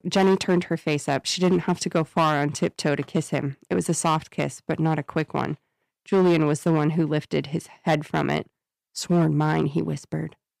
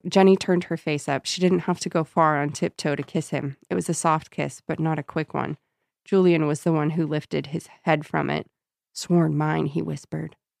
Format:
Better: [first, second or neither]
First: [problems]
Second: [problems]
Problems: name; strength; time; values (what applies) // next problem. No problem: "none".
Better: second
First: distortion; slight; 5% of the sound clipped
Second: none